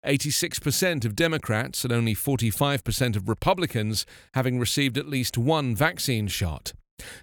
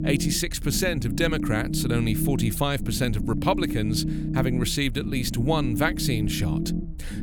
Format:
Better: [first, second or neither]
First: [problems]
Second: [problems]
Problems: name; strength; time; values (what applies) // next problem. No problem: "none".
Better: first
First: none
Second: low rumble; loud; throughout; 8 dB below the speech